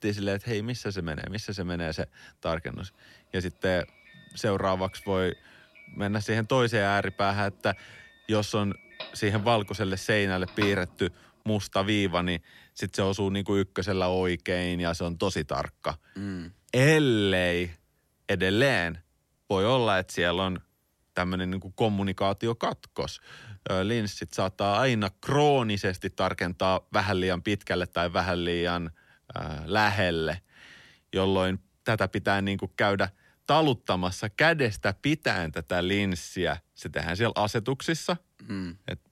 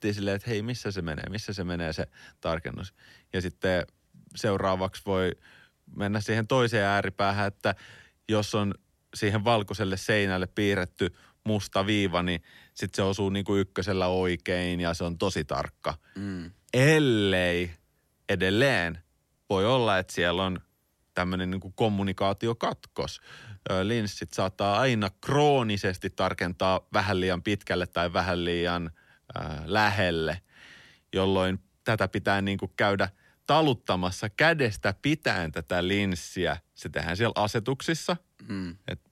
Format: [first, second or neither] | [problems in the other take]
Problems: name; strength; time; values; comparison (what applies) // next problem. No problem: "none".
second | doorbell; noticeable; from 8.5 to 11 s; peak 7 dB below the speech